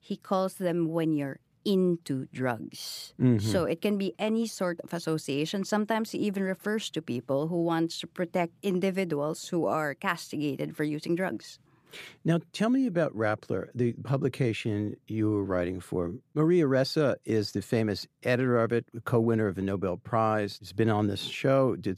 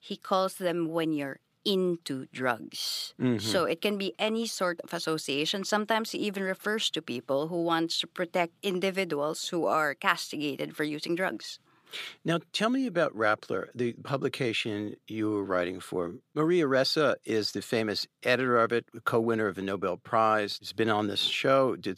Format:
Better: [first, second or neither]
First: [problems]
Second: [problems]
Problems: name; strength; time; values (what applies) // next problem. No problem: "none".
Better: first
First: none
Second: thin; very slightly; fading below 400 Hz